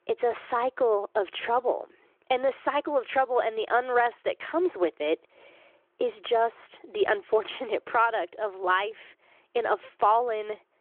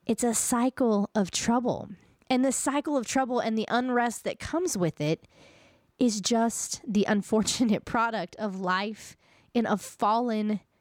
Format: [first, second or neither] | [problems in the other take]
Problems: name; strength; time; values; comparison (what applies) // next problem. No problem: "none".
second | phone-call audio